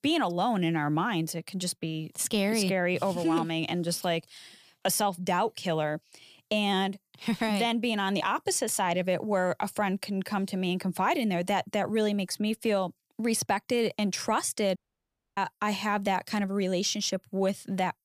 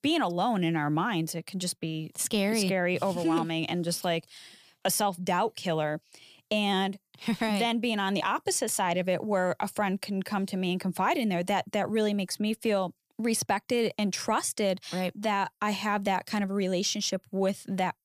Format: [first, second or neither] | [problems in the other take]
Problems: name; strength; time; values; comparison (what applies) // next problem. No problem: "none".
second | audio cutting out; at 15 s for 0.5 s